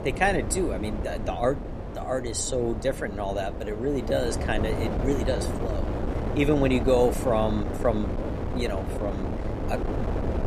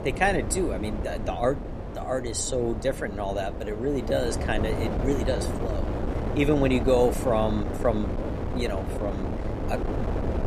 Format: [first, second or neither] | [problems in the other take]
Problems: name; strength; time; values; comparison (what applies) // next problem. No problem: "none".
neither | wind noise on the microphone; heavy; 7 dB below the speech; the same in both